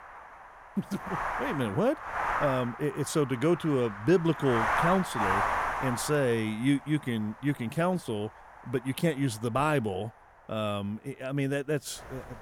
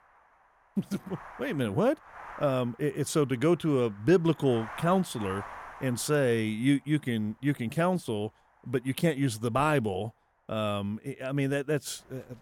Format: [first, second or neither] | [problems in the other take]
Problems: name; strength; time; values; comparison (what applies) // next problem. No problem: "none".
second | wind noise on the microphone; heavy; 1 dB above the speech; occasional gusts in the second